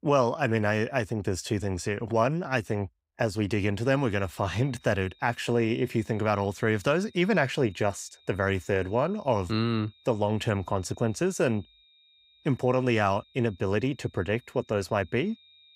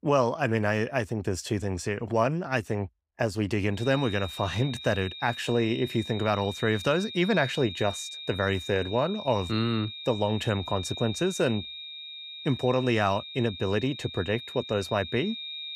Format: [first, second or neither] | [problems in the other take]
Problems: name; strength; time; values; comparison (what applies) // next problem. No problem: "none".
first | high-pitched whine; loud; from 4 s on; 3.5 kHz, 10 dB below the speech; faint in the first